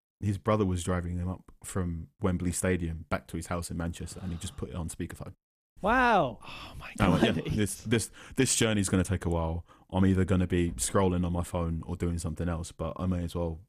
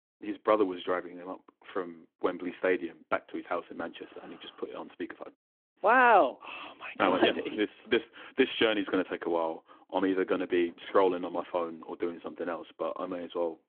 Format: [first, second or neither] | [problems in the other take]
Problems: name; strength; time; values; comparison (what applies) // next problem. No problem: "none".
first | phone-call audio; nothing above 3.5 kHz